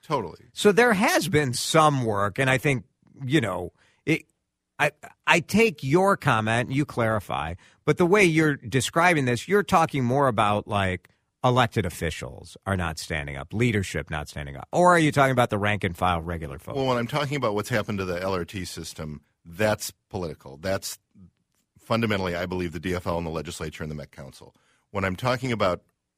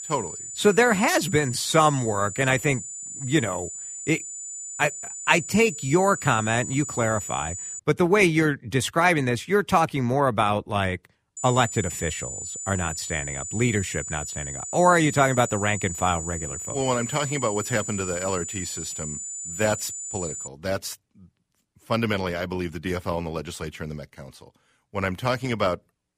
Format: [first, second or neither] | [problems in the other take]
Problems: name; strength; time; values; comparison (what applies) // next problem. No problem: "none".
first | high-pitched whine; loud; until 8 s and from 11 to 20 s; 7 kHz, 8 dB below the speech